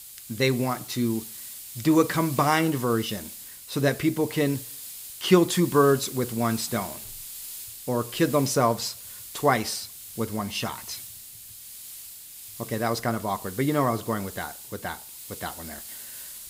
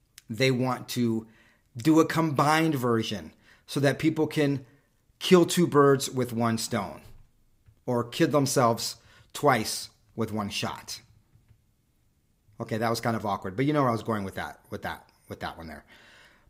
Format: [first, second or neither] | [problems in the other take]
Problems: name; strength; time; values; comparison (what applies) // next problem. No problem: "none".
second | hiss; noticeable; throughout; 10 dB below the speech